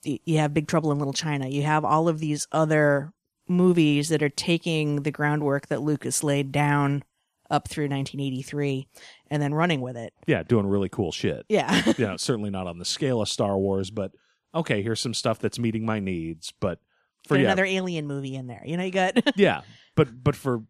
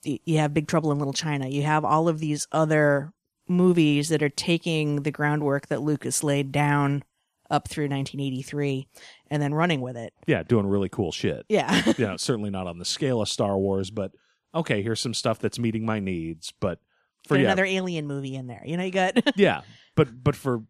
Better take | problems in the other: neither | none

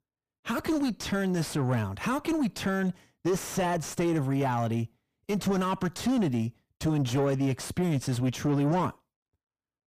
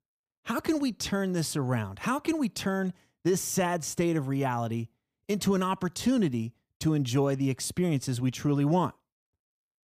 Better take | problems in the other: second | distortion; slight; 9 dB below the speech

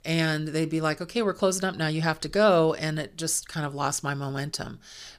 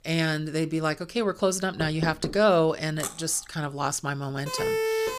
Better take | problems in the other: first | door banging; noticeable; at 2 s; peak 7 dB below the speech // clattering dishes; noticeable; at 3 s; peak 8 dB below the speech // siren; loud; at 4.5 s; peak 1 dB above the speech

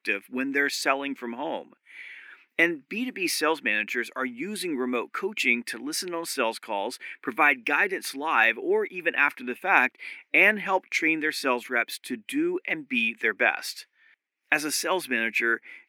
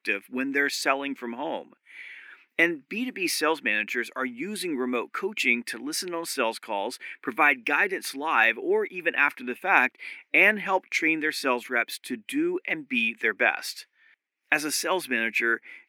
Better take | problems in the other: neither | thin; somewhat; fading below 350 Hz; the same in both

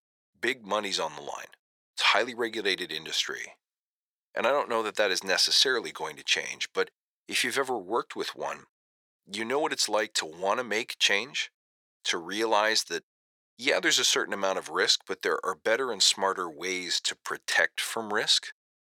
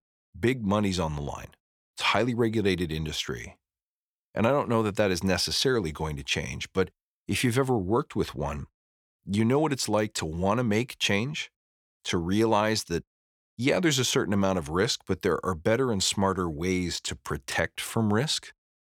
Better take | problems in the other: second | thin; very; fading below 550 Hz

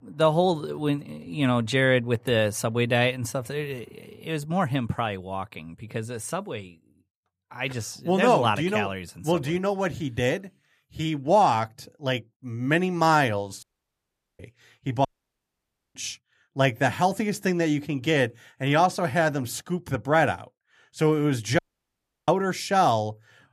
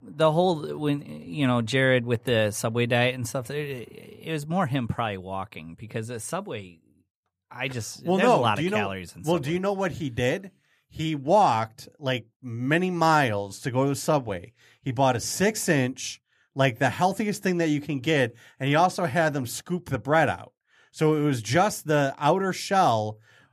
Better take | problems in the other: second | audio cutting out; at 14 s for 1 s, at 15 s for 1 s and at 22 s for 0.5 s

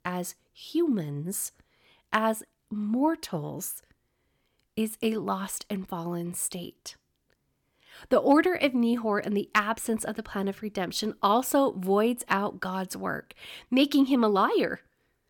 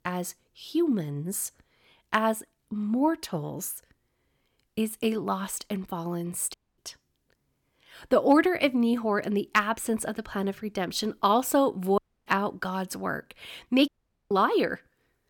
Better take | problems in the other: first | audio cutting out; at 6.5 s, at 12 s and at 14 s

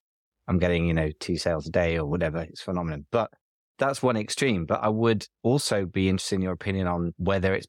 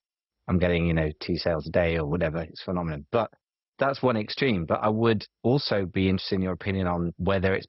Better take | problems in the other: first | garbled, watery; badly; nothing above 5.5 kHz

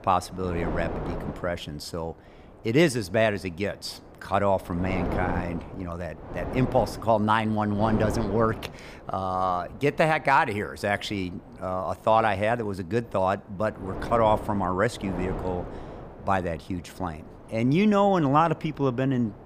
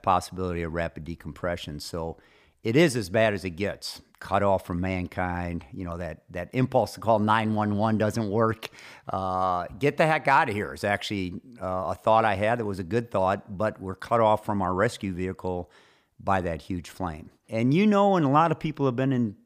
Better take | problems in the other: second | wind noise on the microphone; occasional gusts; 15 dB below the speech

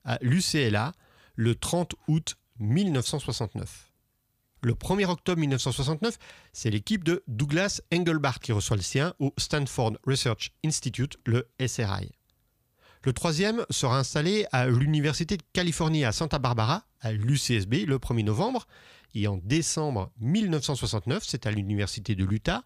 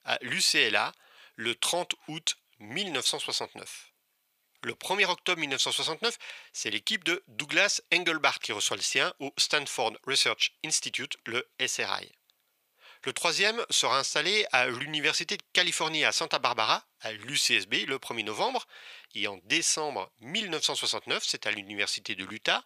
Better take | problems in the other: first | thin; very; fading below 550 Hz

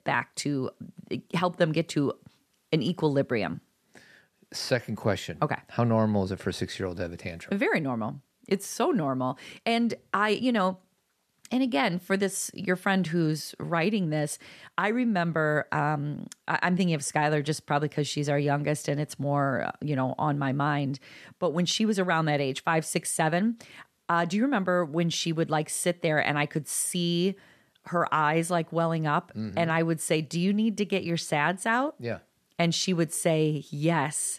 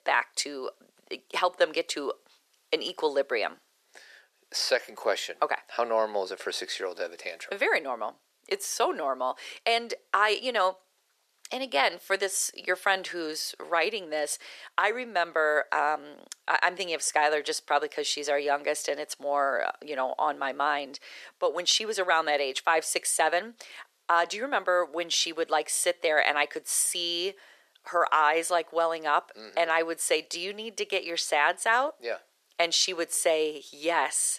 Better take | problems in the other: first | thin; very; fading below 450 Hz

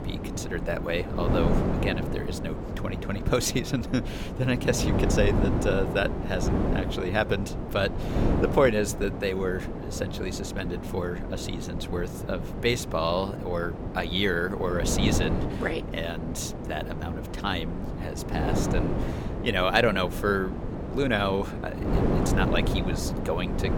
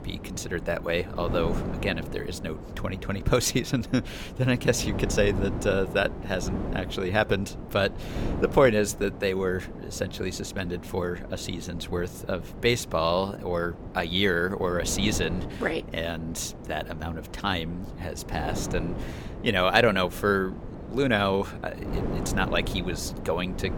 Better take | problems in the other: second | wind noise on the microphone; heavy; 6 dB below the speech; occasional gusts in the second

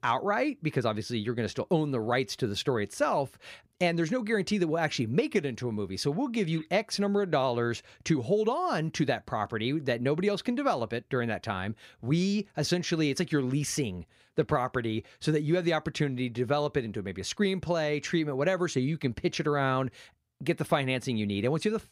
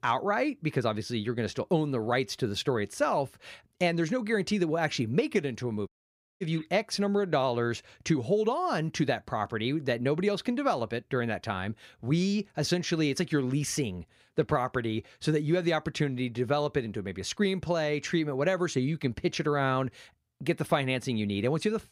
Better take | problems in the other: first | audio cutting out; at 6 s for 0.5 s

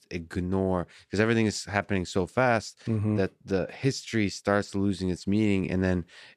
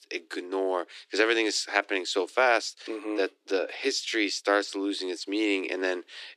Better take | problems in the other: first | thin; somewhat; fading below 300 Hz

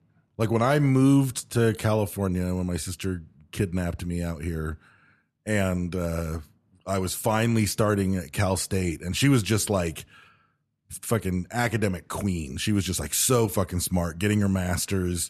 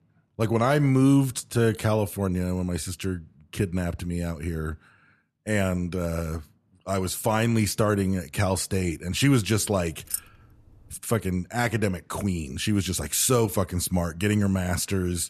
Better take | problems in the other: first | jangling keys; noticeable; at 10 s; peak 6 dB below the speech

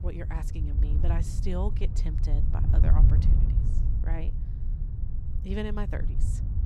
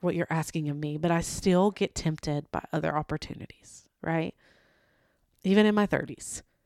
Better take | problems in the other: second | low rumble; loud; throughout; 4 dB below the speech

